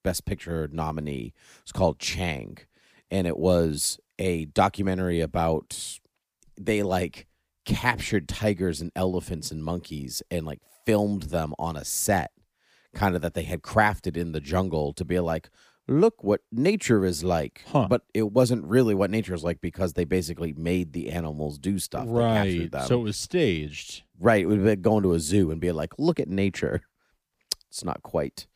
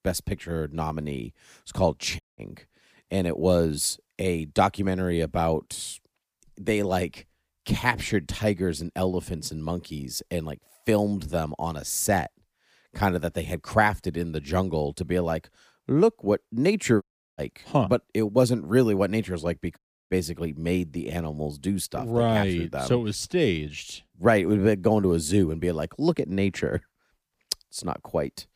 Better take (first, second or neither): first